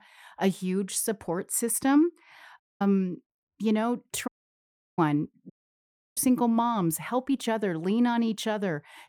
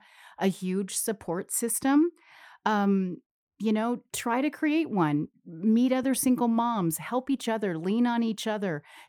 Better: second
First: audio cutting out; at 2.5 s, at 4.5 s for 0.5 s and at 5.5 s for 0.5 s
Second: none

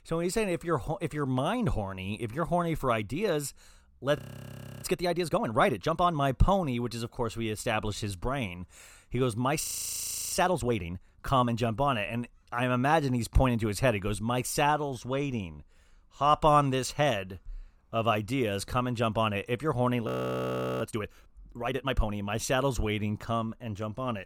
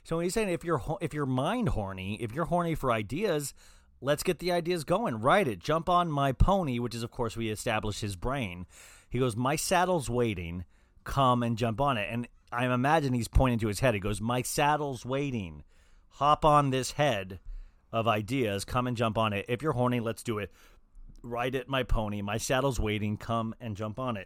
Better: second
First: audio freezing; at 4 s for 0.5 s, at 9.5 s for 0.5 s and at 20 s for 0.5 s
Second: none

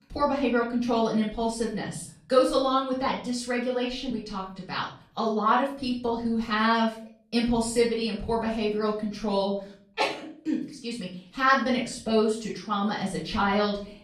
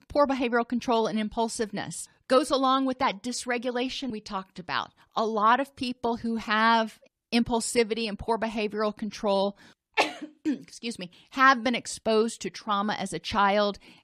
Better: second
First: room echo; noticeable; dies away in 0.5 s // off-mic speech; far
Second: none

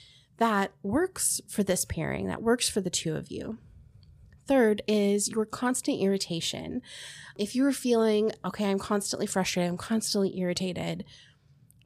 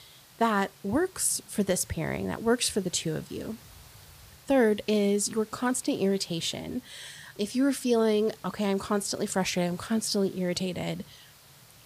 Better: first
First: none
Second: hiss; faint; throughout; 25 dB below the speech

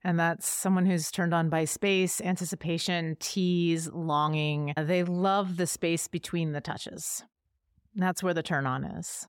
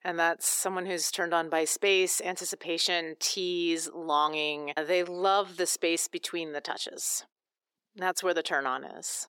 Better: first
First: none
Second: thin; very; fading below 350 Hz

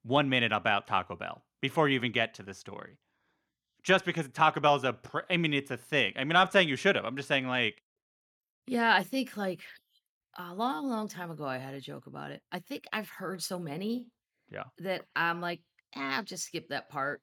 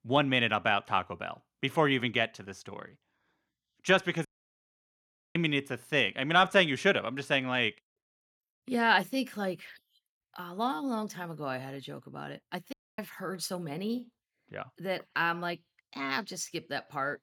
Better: first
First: none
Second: audio cutting out; at 4.5 s for 1 s and at 13 s

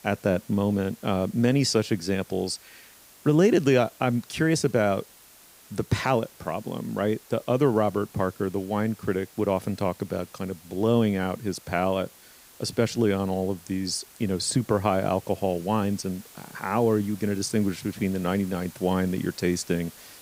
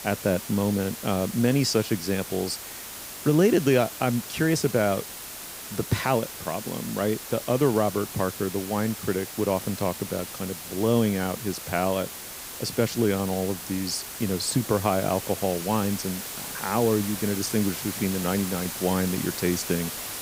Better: first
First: hiss; faint; throughout; 20 dB below the speech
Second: hiss; loud; throughout; 8 dB below the speech

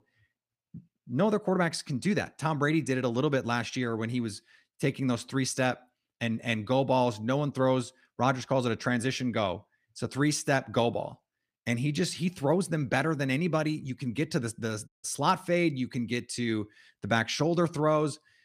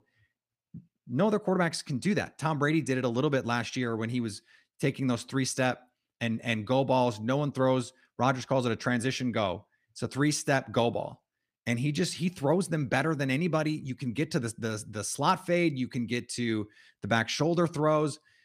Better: second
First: audio cutting out; at 15 s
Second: none

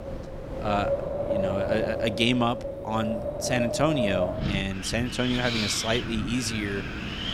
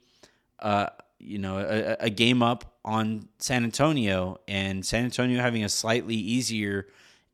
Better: second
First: wind in the background; loud; throughout; 3 dB below the speech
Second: none

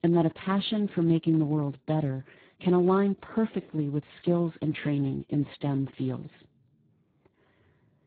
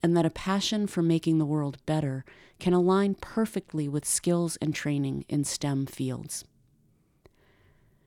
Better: second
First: garbled, watery; badly; nothing above 4 kHz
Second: none

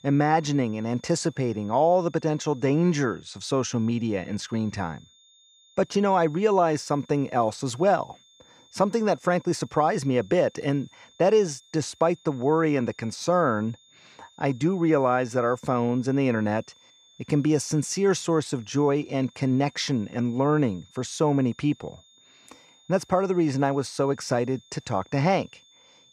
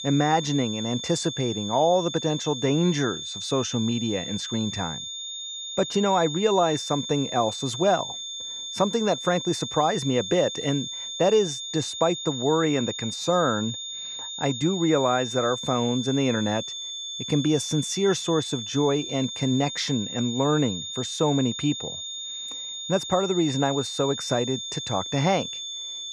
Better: first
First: high-pitched whine; faint; throughout; 3.5 kHz, 30 dB below the speech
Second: high-pitched whine; loud; throughout; 3.5 kHz, 6 dB below the speech

